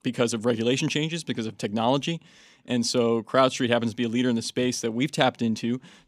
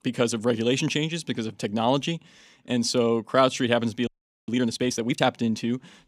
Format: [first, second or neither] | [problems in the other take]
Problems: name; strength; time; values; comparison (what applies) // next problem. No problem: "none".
first | audio freezing; at 4 s